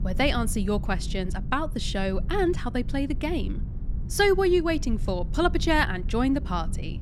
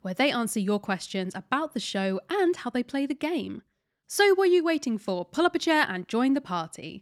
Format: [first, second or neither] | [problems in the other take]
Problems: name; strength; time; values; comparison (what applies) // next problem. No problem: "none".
second | low rumble; noticeable; throughout; 20 dB below the speech